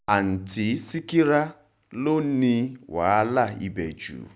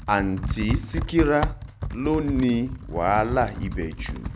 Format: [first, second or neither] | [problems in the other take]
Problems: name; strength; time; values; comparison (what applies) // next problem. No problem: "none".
first | background sound (Computer keyboard); 5 dB below the speech